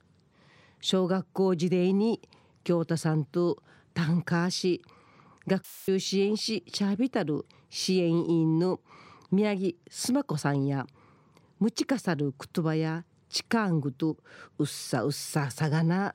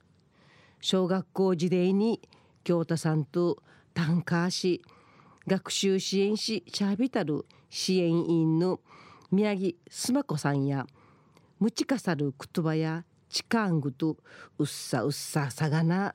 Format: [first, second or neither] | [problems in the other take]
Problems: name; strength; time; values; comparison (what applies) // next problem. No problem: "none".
second | audio cutting out; filled with static; at 5.5 s